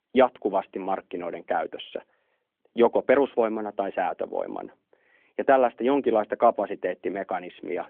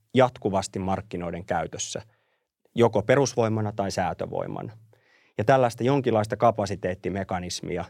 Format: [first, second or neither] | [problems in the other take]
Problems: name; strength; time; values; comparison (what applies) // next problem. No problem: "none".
second | phone-call audio; nothing above 3.5 kHz